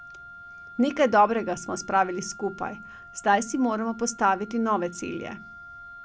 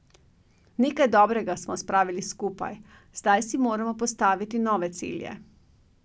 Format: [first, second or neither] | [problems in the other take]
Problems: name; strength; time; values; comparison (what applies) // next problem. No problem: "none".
second | background sound (Wind instrument, woodwind instrument); 18 dB below the speech